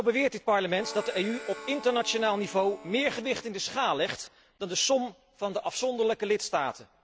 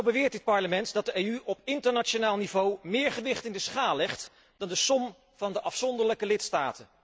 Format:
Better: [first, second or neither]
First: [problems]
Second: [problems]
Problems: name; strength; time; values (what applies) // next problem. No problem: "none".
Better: second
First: background sound (Harmonica); 15 dB below the speech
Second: none